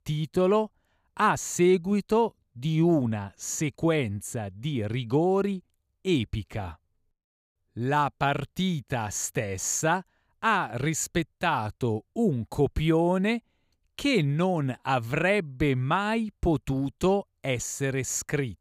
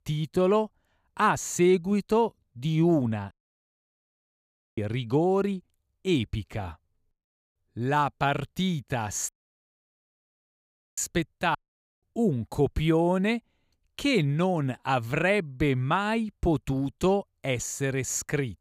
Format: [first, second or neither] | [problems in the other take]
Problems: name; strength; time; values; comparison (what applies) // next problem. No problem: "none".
first | audio cutting out; at 3.5 s for 1.5 s, at 9.5 s for 1.5 s and at 12 s